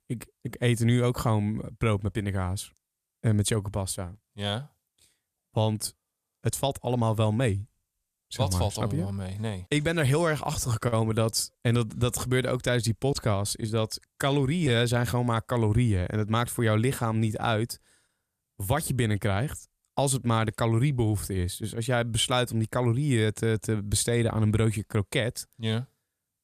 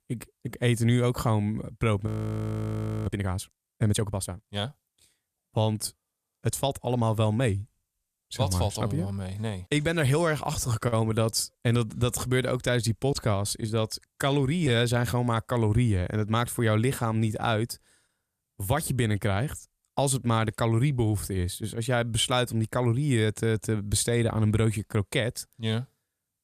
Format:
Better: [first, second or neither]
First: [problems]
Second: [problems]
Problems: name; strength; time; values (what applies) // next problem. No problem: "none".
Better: first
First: none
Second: audio freezing; at 2 s for 1 s